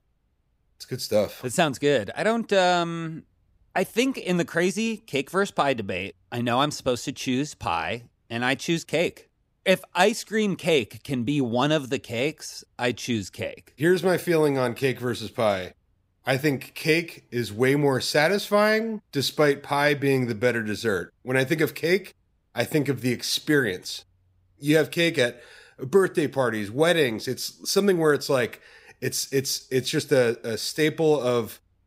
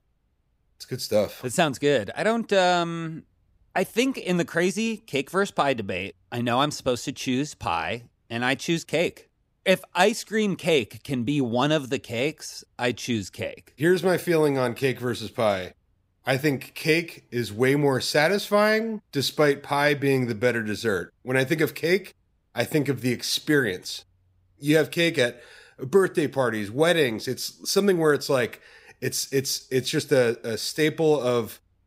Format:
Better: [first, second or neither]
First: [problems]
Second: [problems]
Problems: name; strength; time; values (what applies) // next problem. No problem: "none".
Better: neither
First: none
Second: none